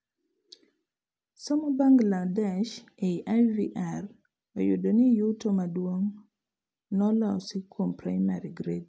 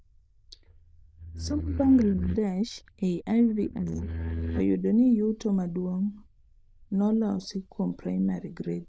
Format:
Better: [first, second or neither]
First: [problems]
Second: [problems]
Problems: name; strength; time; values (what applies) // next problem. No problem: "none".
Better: first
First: none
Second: noise reduction (neural diffusion model UNIVERSE++)